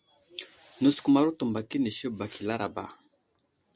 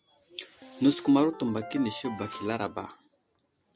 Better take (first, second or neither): first